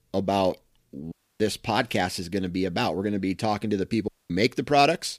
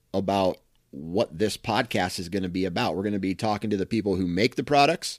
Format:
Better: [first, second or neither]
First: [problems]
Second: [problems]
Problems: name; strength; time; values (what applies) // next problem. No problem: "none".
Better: second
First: audio cutting out; at 1 s and at 4 s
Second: none